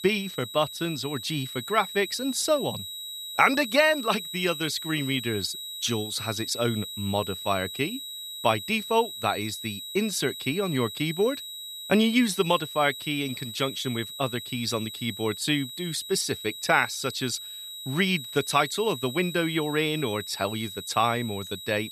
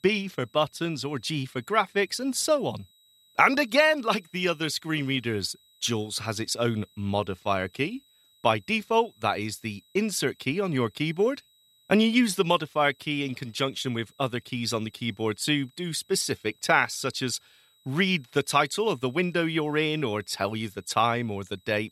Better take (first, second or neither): second